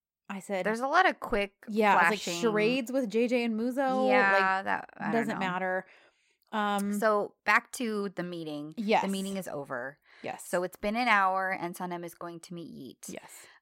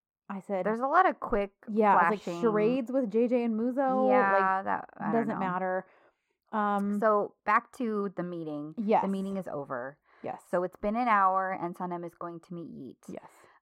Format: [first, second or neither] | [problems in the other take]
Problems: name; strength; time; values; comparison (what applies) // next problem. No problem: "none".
first | muffled; very; fading above 2 kHz